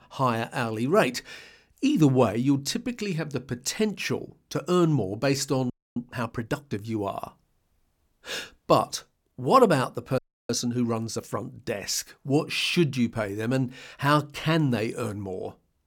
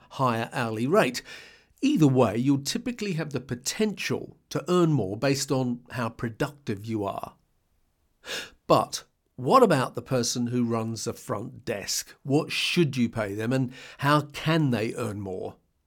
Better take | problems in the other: second | audio freezing; at 5.5 s and at 10 s

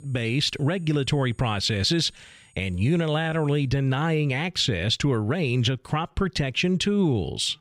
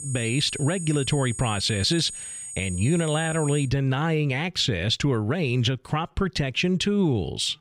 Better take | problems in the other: first | high-pitched whine; loud; until 3.5 s; 8.5 kHz, 9 dB below the speech; faint in the first

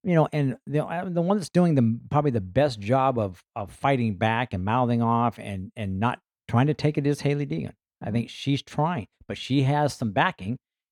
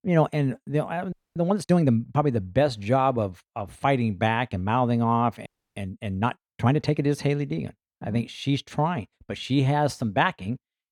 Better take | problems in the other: first | audio freezing; at 1 s and at 5.5 s

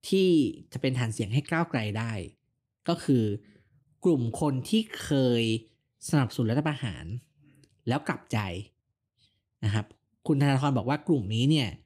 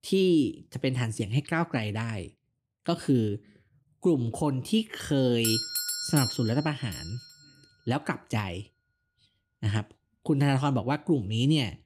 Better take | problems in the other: first | doorbell; loud; from 5.5 to 7 s; peak 1 dB above the speech

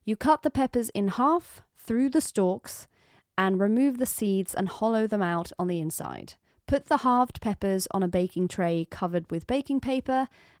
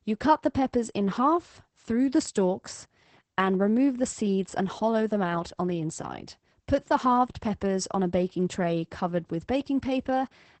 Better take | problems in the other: first | garbled, watery; badly; nothing above 8 kHz; slightly in the first

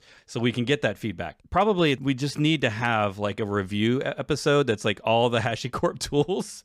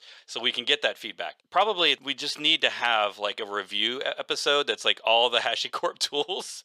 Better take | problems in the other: first | thin; very; fading below 650 Hz

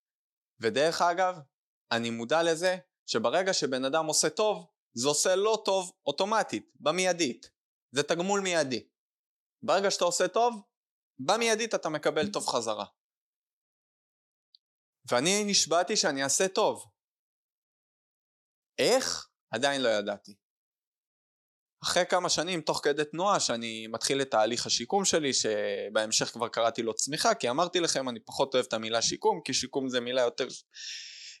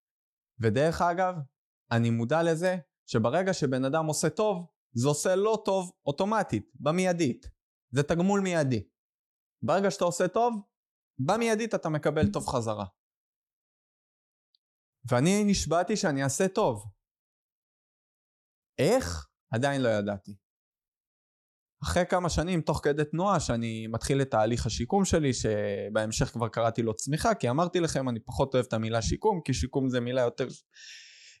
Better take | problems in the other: second | thin; somewhat; fading below 300 Hz

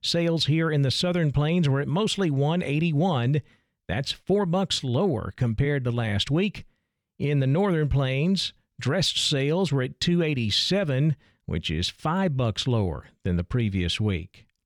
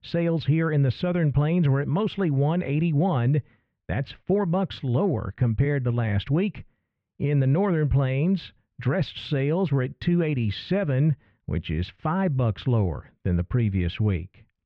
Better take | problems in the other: first | muffled; very; fading above 2.5 kHz

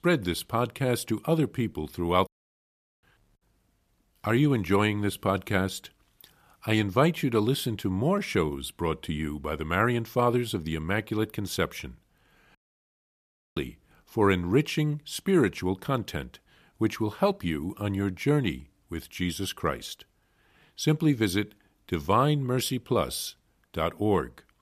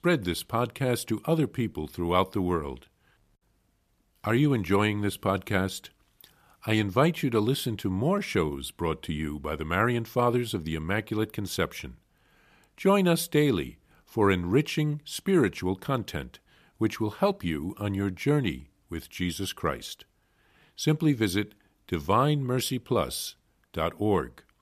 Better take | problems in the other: second | audio cutting out; at 2.5 s for 1 s and at 13 s for 1 s

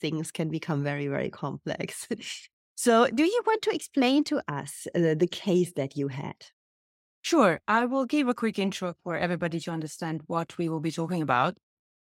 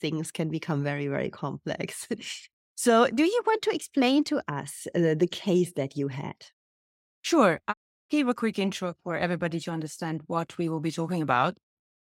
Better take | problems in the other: first | audio cutting out; at 7.5 s

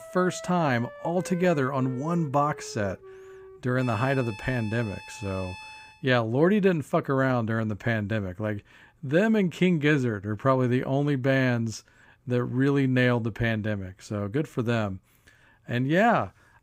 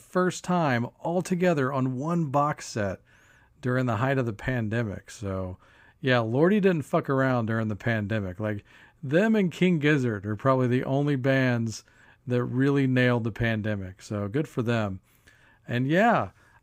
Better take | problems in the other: second | background music; noticeable; until 6 s; 15 dB below the speech

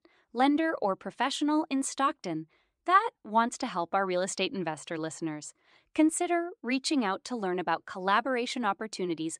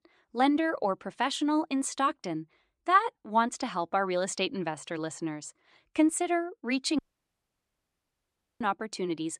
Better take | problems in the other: first | audio cutting out; at 7 s for 1.5 s

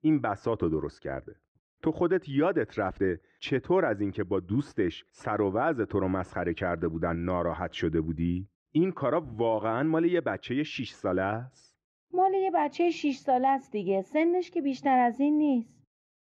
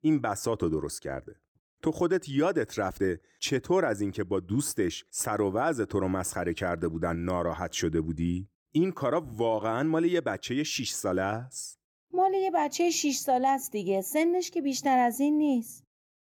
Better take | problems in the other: second | muffled; very; fading above 3 kHz

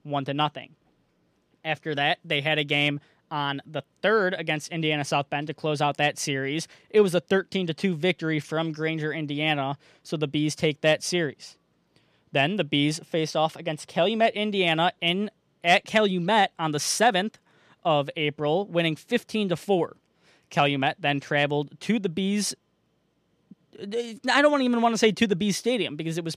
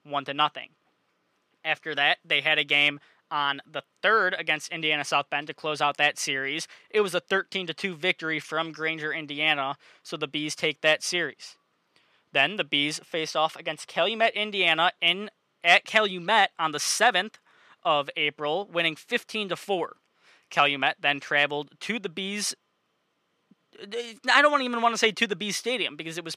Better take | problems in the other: first | thin; somewhat; fading below 550 Hz

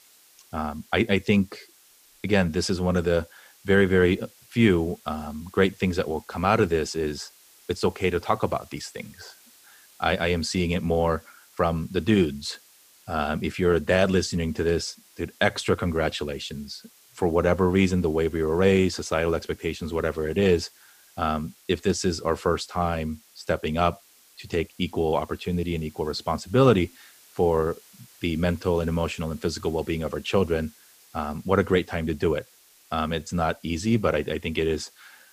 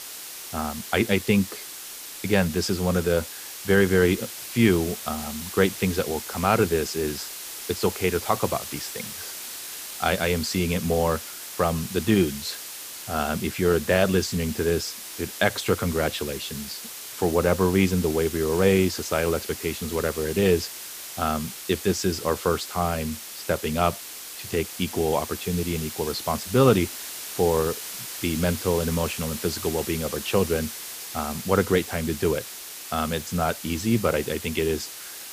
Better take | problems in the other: first | hiss; loud; throughout; 9 dB below the speech; faint in the first

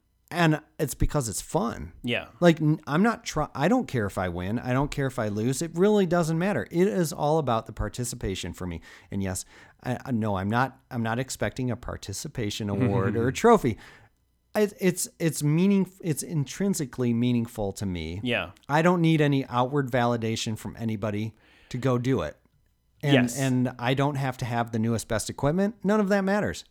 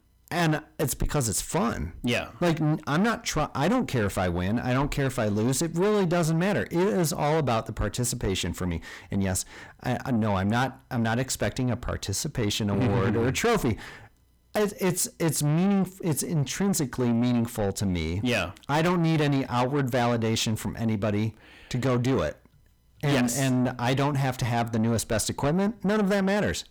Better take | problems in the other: first | distortion; heavy; 7 dB below the speech

